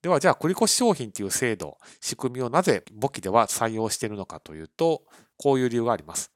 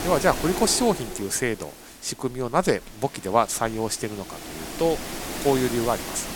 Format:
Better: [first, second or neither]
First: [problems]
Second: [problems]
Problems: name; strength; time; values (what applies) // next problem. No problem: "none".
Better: first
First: none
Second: wind noise on the microphone; heavy; 9 dB below the speech